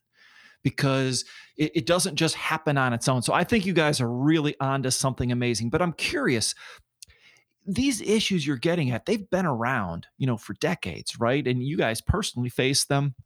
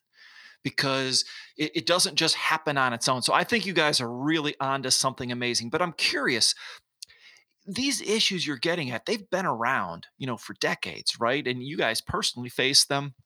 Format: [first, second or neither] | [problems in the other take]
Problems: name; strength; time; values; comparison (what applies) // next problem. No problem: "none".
first | thin; very slightly; fading below 750 Hz